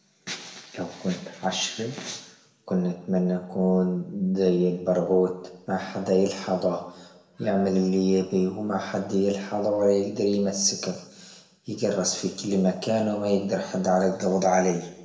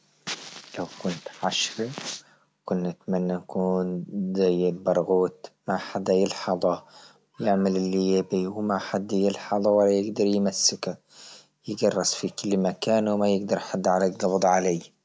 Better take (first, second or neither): second